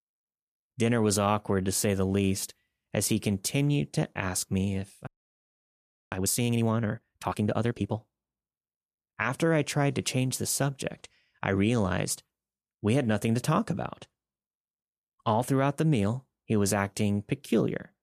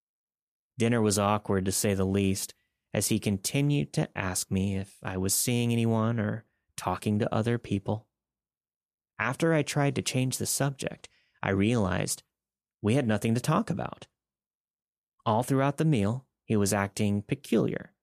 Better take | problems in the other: second | audio freezing; at 5 s for 1 s

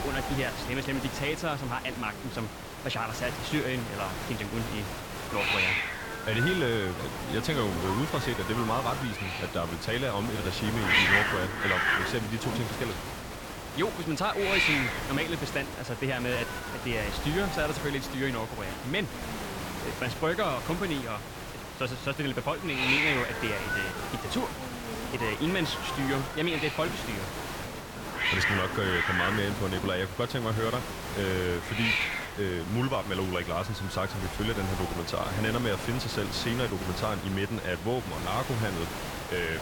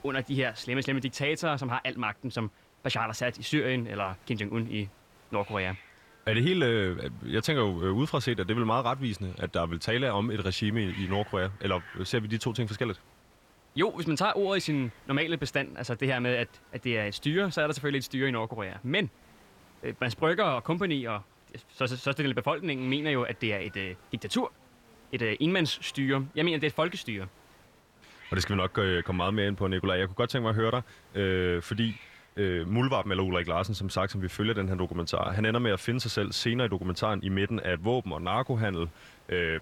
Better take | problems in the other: second | hiss; loud; throughout; 1 dB below the speech; faint in the second

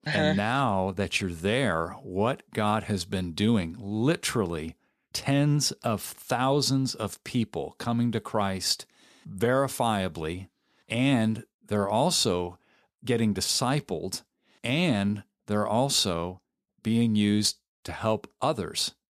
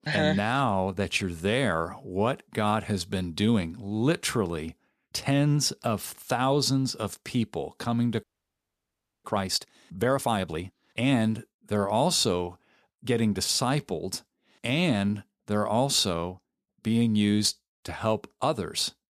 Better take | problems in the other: first | audio freezing; at 8 s for 1 s

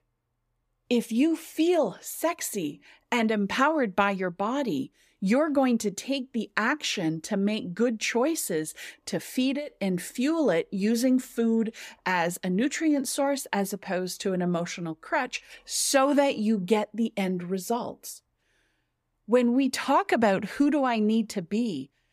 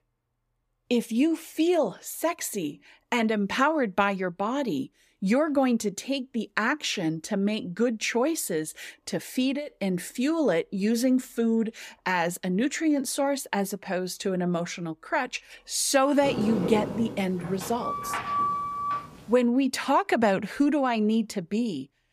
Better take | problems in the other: first | door banging; noticeable; from 16 to 19 s; peak level with the speech

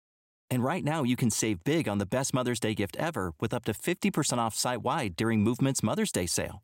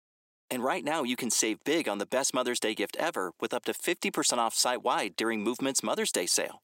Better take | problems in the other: first | thin; somewhat; fading below 300 Hz

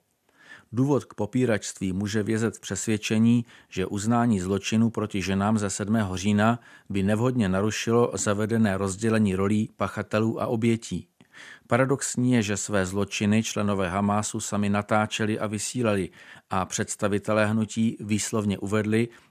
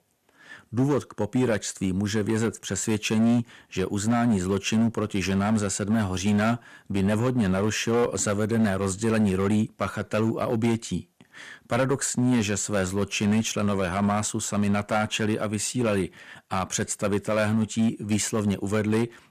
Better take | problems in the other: first | distortion; slight; 7% of the sound clipped

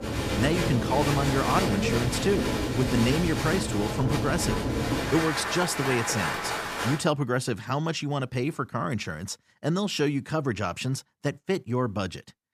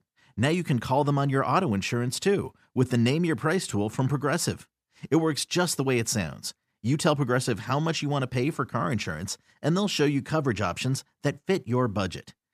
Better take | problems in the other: second | crowd noise; loud; until 7 s; as loud as the speech

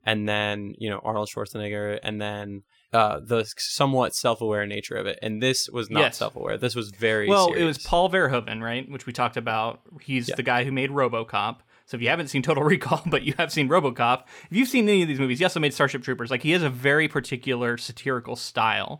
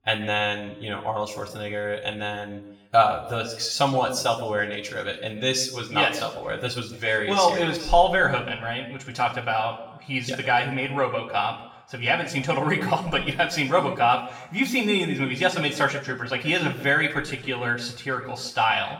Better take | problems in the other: first | room echo; slight; dies away in 0.6 s // off-mic speech; far

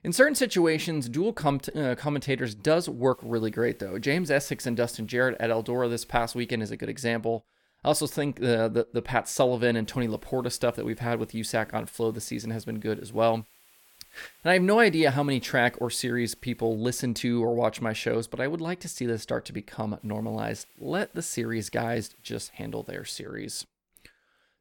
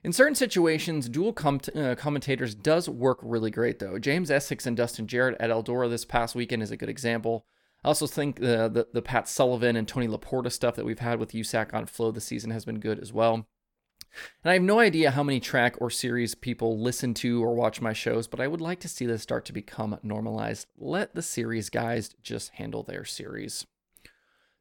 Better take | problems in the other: second | hiss; faint; from 3 to 6.5 s, from 10 to 17 s and from 20 to 23 s; 30 dB below the speech

